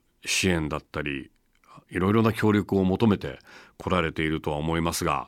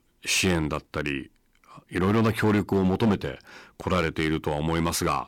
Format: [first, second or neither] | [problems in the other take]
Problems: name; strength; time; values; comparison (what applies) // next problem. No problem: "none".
first | distortion; slight; 6% of the sound clipped